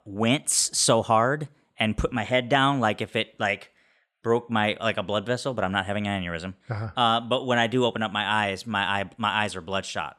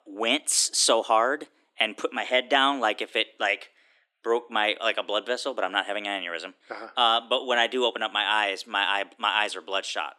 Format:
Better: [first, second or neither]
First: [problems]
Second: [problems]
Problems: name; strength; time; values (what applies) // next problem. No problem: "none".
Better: first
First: none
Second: thin; somewhat; fading below 300 Hz